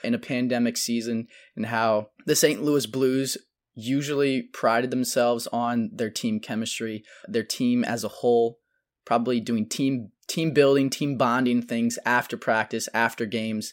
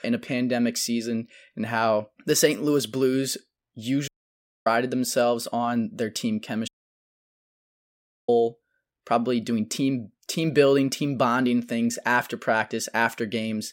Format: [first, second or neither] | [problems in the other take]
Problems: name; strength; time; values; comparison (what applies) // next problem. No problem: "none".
first | audio cutting out; at 4 s for 0.5 s and at 6.5 s for 1.5 s